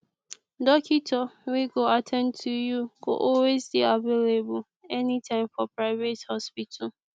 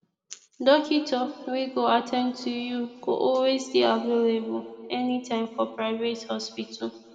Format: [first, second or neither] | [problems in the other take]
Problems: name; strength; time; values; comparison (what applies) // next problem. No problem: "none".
first | room echo; dies away in 1.5 s